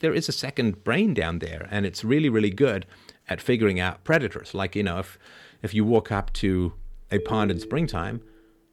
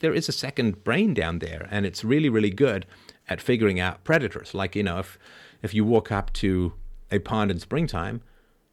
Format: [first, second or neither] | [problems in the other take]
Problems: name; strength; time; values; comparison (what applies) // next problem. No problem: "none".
second | phone ringing; noticeable; at 7 s; peak 8 dB below the speech